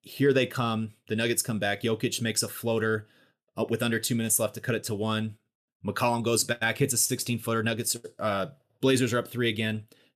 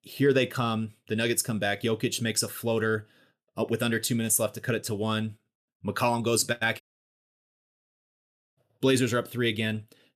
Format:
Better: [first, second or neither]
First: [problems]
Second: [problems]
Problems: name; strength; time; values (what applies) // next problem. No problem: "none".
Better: first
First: none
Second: audio cutting out; at 7 s for 2 s